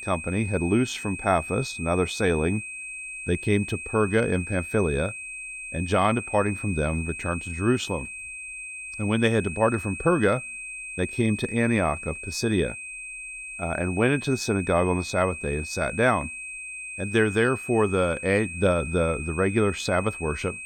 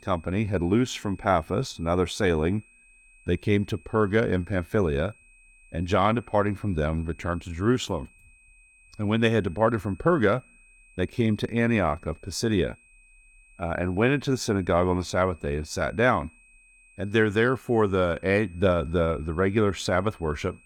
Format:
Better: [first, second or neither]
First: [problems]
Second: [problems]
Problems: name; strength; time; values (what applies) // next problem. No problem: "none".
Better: second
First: high-pitched whine; loud; throughout; 2.5 kHz, 9 dB below the speech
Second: high-pitched whine; faint; throughout; 2.5 kHz, 30 dB below the speech